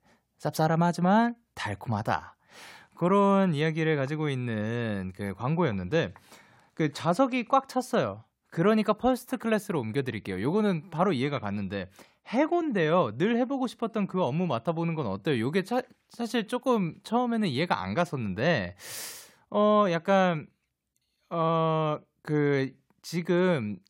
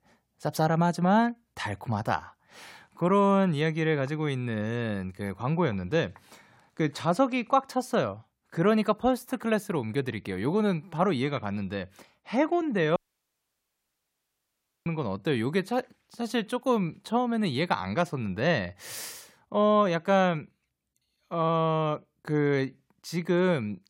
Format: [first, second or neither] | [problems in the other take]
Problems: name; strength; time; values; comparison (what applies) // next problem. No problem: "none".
first | audio cutting out; at 13 s for 2 s